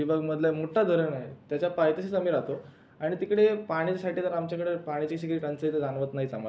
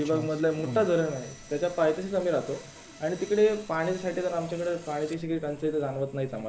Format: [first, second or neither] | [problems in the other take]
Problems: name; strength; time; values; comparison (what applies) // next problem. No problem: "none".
first | background sound (Sawing + Clock); 16 dB below the speech